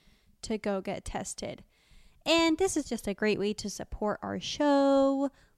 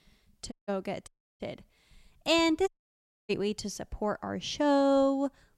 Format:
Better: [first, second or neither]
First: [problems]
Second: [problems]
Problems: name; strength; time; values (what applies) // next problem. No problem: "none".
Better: first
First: none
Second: audio cutting out; at 0.5 s, at 1 s and at 2.5 s for 0.5 s